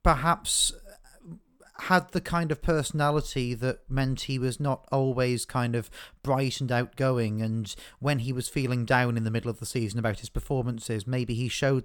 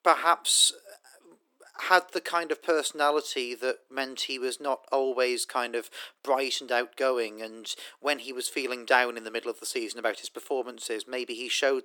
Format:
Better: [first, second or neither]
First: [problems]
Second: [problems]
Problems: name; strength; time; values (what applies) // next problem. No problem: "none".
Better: first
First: none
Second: thin; very; fading below 350 Hz